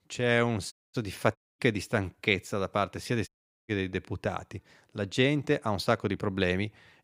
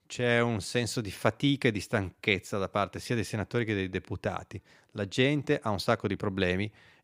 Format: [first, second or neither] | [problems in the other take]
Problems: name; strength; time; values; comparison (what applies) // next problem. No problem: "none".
second | audio cutting out; at 0.5 s, at 1.5 s and at 3.5 s